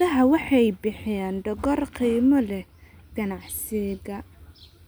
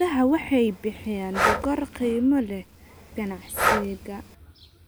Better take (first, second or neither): first